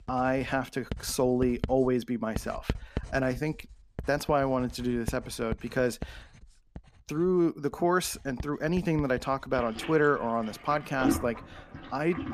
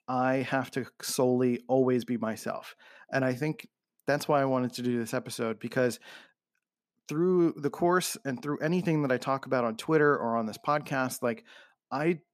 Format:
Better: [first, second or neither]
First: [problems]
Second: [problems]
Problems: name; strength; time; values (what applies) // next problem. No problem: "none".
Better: second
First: household noises; noticeable; throughout; 10 dB below the speech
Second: none